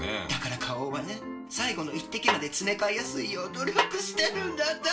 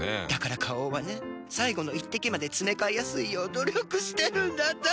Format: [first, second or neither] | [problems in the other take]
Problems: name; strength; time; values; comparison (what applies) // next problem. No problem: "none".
second | background sound (Snare drum); 2 dB below the speech // room echo; dies away in 0.3 s